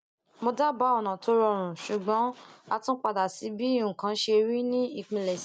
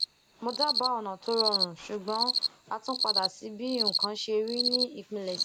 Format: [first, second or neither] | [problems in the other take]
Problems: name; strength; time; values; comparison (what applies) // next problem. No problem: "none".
first | background sound (Cricket); 1 dB above the speech